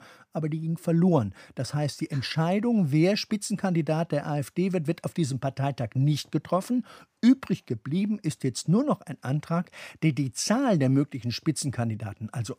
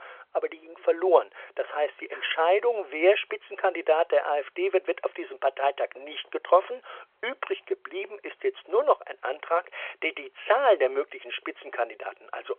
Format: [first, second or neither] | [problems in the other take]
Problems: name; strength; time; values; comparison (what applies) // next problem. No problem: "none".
first | phone-call audio; nothing above 3.5 kHz